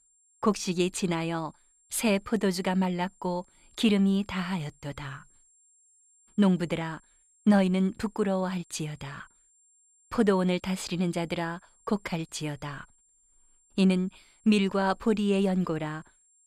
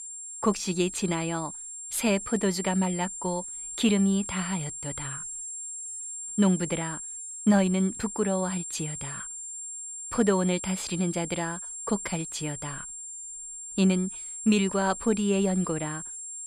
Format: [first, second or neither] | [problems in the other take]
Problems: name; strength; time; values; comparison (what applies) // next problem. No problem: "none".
first | high-pitched whine; loud; throughout; 7.5 kHz, 8 dB below the speech; faint in the first